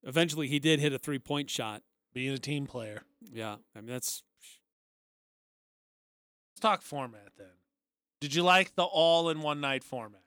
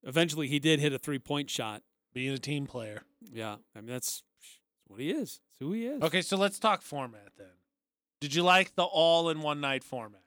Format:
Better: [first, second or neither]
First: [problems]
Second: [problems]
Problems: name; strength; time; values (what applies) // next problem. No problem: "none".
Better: second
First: audio cutting out; at 4.5 s for 2 s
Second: none